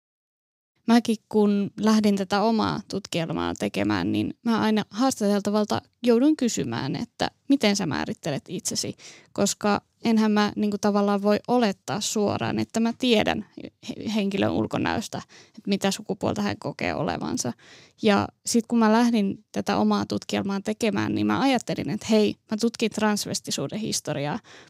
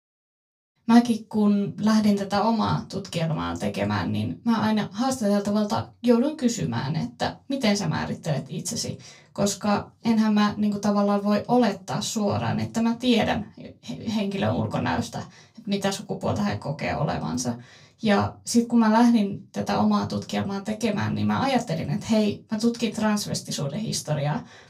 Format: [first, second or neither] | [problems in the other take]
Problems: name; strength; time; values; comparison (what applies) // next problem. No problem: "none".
first | off-mic speech; far // room echo; very slight; dies away in 0.2 s